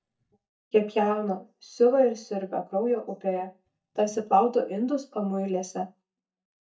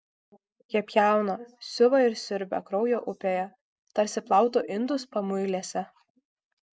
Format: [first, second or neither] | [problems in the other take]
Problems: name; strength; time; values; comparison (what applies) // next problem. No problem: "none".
second | noise reduction (neural mask model DeepFilterNet 3)